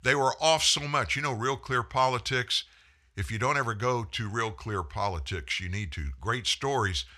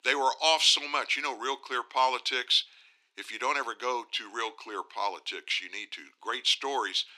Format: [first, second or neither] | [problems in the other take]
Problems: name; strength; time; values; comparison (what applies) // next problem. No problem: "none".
first | thin; very; fading below 300 Hz